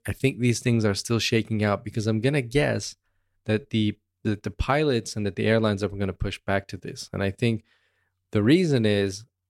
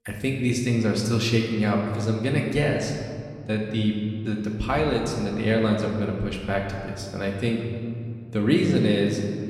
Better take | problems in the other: first | room echo; noticeable; dies away in 1.9 s // off-mic speech; somewhat distant

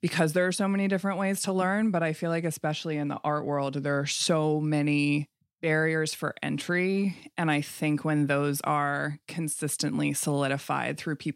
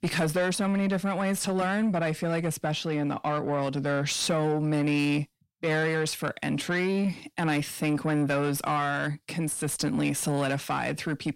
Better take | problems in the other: first | distortion; slight; 10 dB below the speech

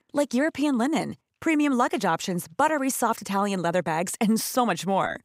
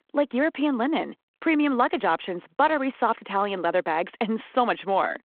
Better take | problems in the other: first | phone-call audio

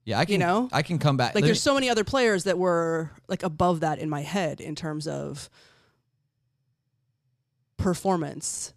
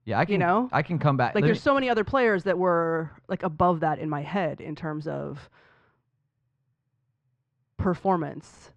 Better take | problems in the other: first | muffled; very; fading above 2 kHz

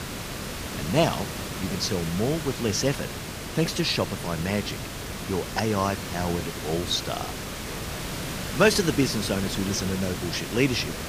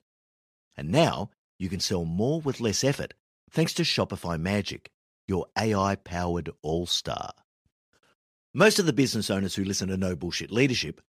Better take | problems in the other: second | hiss; loud; throughout; 6 dB below the speech

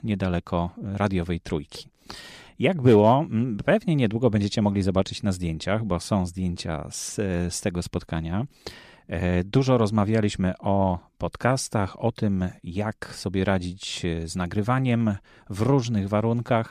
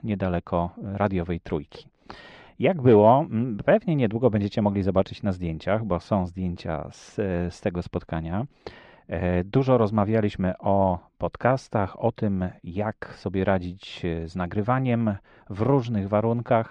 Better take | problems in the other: first | muffled; very; fading above 3 kHz

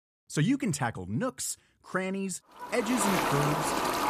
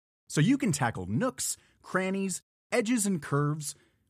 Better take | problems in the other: second | animal sounds; very loud; from 3 s on; 2 dB above the speech

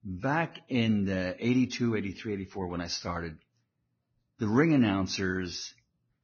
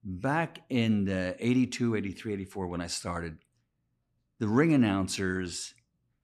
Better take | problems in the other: second | garbled, watery; badly; nothing above 6.5 kHz

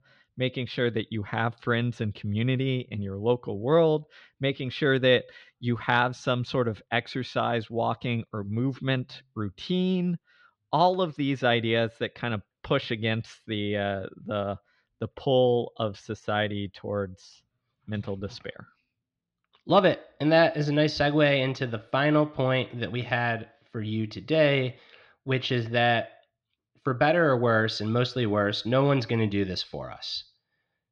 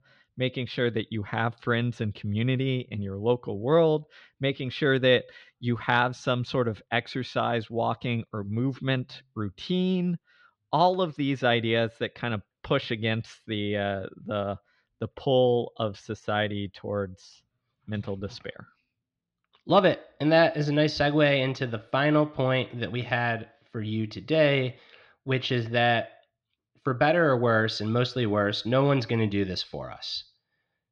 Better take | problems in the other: neither | muffled; very slightly; fading above 4 kHz; the same in both

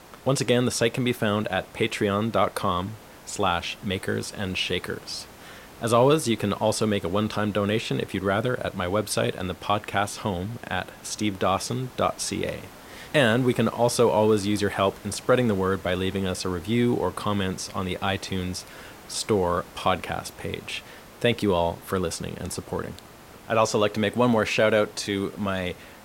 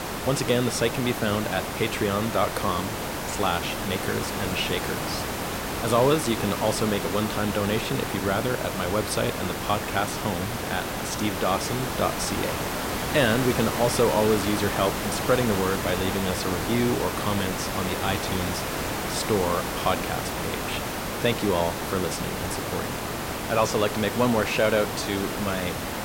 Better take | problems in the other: first | hiss; loud; throughout; 3 dB below the speech; faint in the first

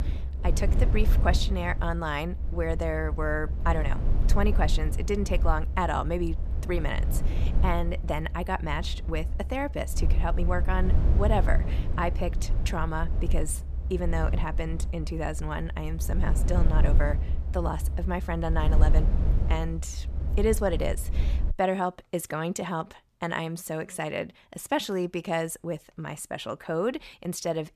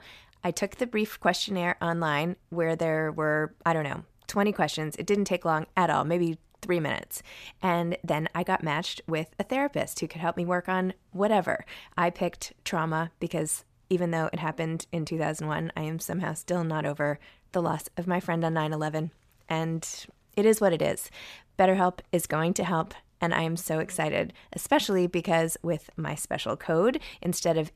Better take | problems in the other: second | low rumble; noticeable; until 22 s; 15 dB below the speech

